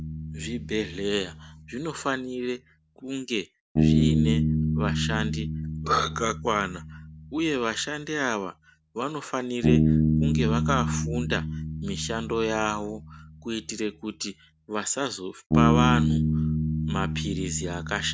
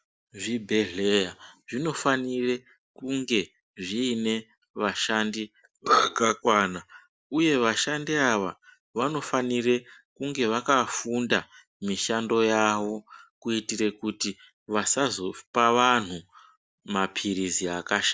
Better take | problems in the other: second | background sound (Bass guitar); 3 dB above the speech

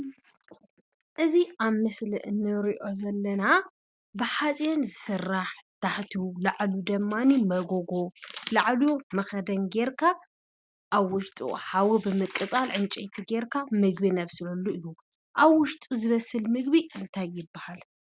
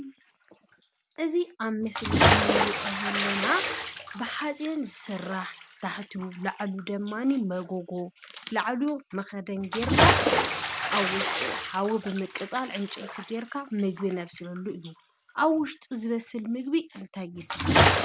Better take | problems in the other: first | background sound (Bathtub (filling or washing) / Splash, splatter); 2 dB above the speech

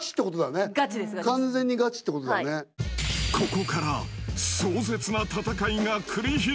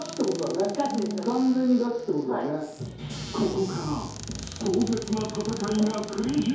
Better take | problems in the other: first | background sound (Squeak / Cupboard open or close); 15 dB below the speech // room echo; dies away in 2.4 s

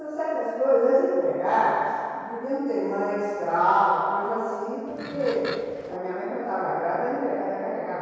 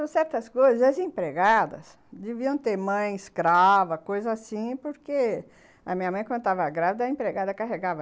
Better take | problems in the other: second | background sound (Livestock, farm animals, working animals); 14 dB below the speech // room echo; dies away in 2.2 s

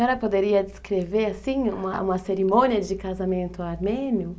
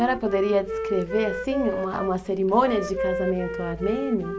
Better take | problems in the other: first | background sound (Wind instrument, woodwind instrument); 6 dB below the speech

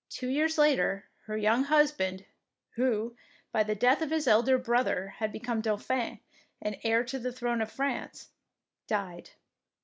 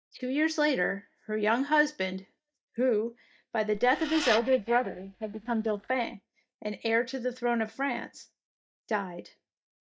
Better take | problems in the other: first | noise reduction (neural mask model DeepFilterNet 3)

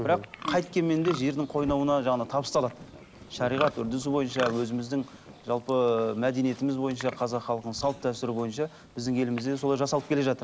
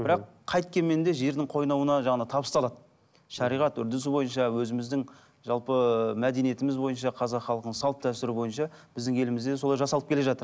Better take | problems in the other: second | background sound (Livestock, farm animals, working animals); 14 dB below the speech

